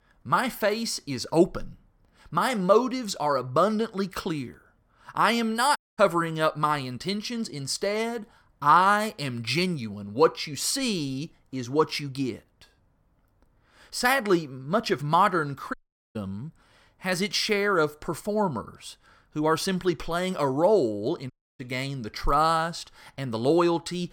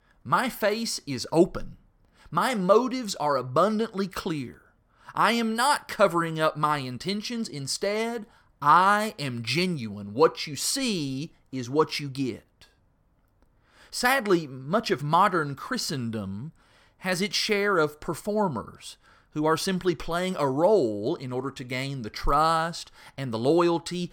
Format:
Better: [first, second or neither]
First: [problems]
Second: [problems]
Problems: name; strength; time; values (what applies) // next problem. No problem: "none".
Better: second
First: audio cutting out; at 6 s, at 16 s and at 21 s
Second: none